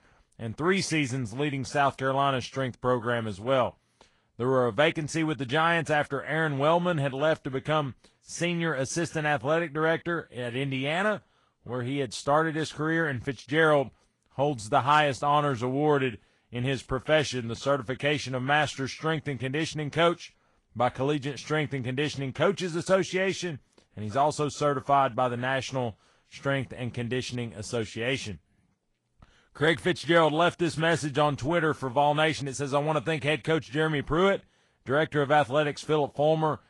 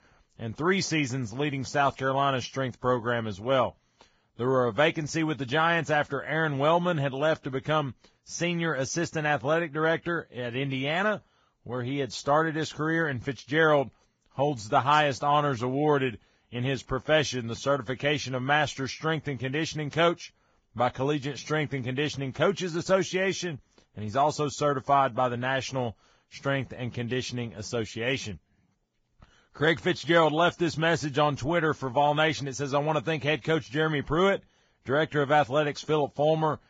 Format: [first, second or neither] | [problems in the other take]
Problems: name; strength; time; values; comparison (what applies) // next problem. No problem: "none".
first | garbled, watery; badly; nothing above 7.5 kHz; slightly in the first